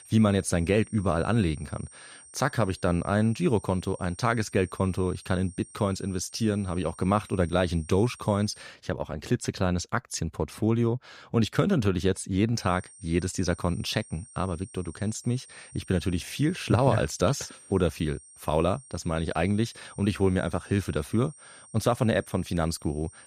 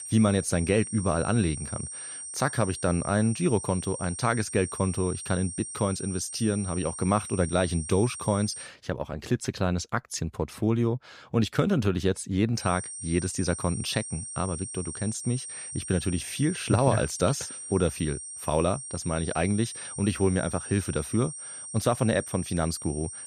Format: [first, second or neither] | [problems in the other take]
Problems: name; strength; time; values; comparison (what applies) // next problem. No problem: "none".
first | high-pitched whine; loud; until 8.5 s and from 13 s on; 8.5 kHz, 8 dB below the speech; faint in the first